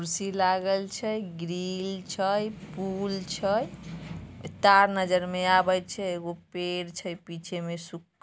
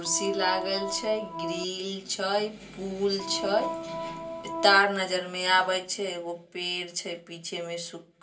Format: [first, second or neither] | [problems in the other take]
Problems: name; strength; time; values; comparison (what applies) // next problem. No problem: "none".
first | background sound (Organ); 6 dB below the speech // room echo; dies away in 0.3 s